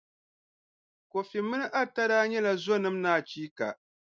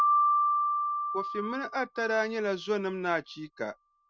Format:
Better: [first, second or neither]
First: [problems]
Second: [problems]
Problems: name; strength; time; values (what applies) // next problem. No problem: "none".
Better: first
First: none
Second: noise reduction (neural mask model RNNoise)